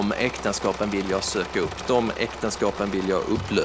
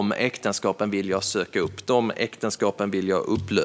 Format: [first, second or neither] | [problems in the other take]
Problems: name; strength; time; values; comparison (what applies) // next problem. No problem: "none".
second | background sound (Engine / Mechanisms); 10 dB below the speech